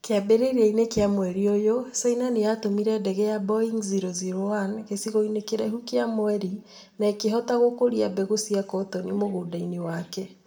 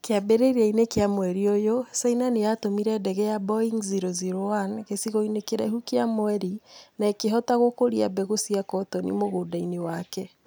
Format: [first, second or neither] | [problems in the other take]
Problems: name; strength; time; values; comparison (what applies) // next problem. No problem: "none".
second | room echo; dies away in 0.4 s